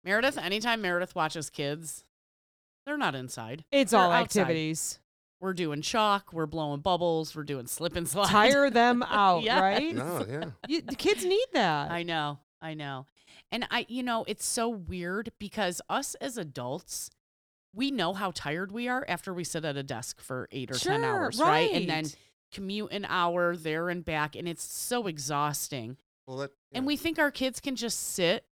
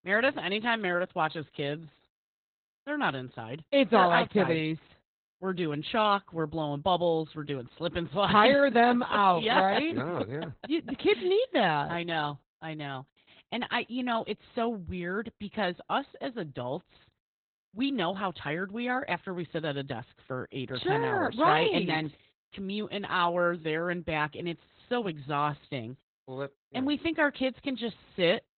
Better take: first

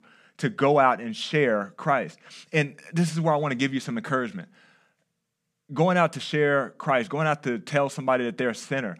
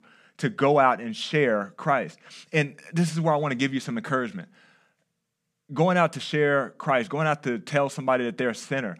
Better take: neither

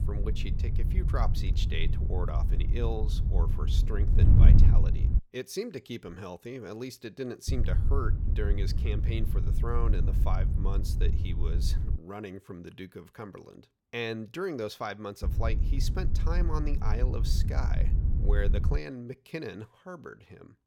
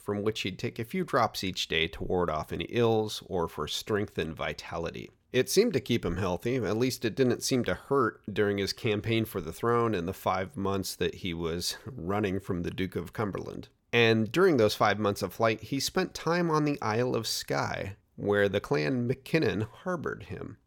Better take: second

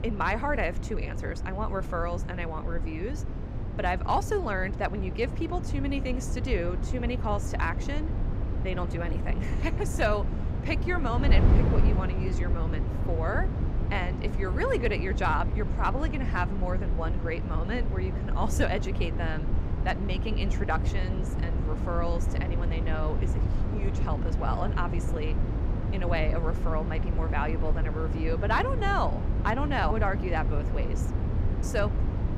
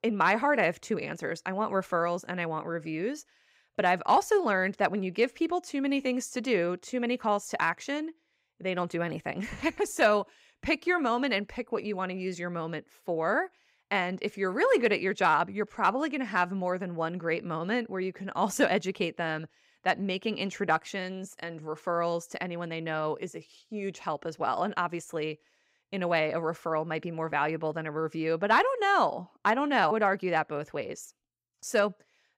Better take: second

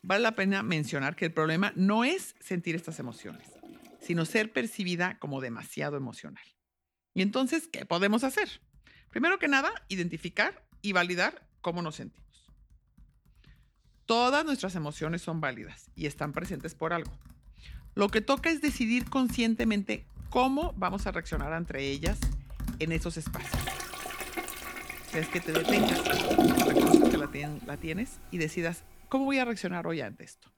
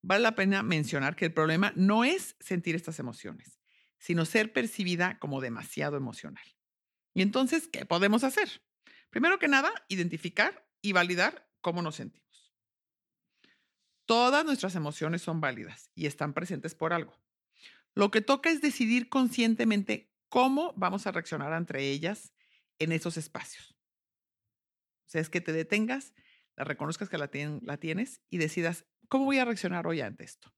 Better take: second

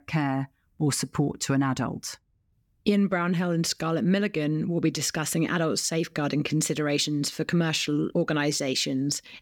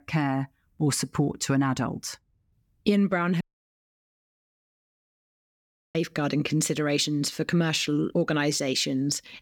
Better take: first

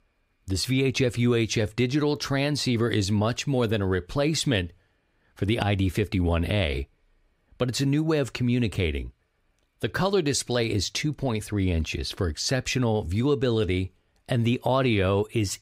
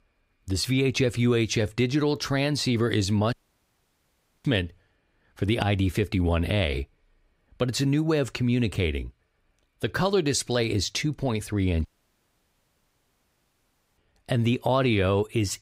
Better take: first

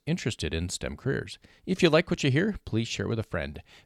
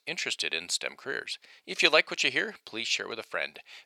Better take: first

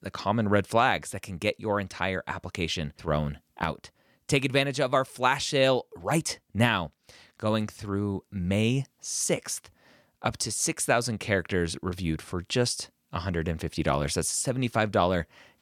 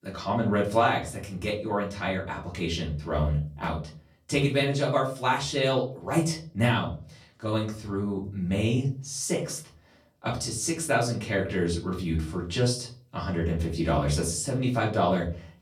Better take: first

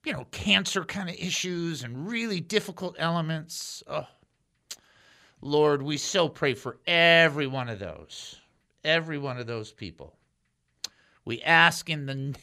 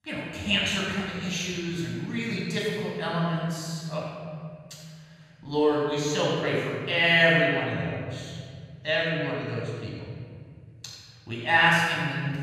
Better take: first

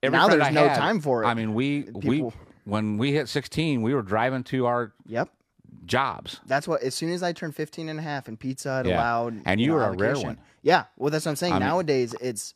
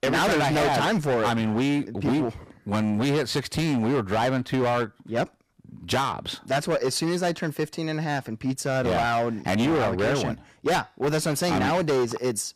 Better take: first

